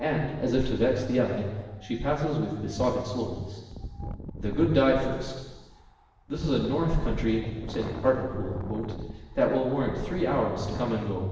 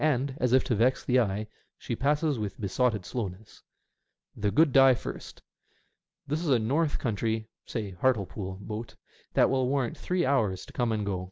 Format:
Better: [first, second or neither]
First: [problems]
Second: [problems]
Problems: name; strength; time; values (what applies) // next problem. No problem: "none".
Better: second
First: background sound (Wind); 12 dB below the speech // room echo; dies away in 1.3 s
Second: none